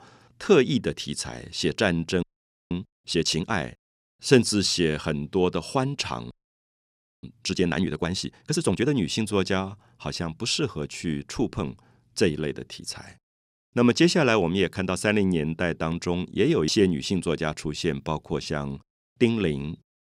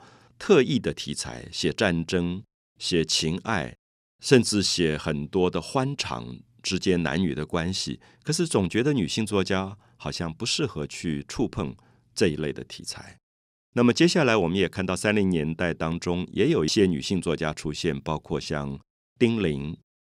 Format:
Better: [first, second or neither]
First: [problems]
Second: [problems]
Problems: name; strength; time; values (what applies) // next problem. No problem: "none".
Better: second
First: audio freezing; at 2 s and at 6.5 s for 1 s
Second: none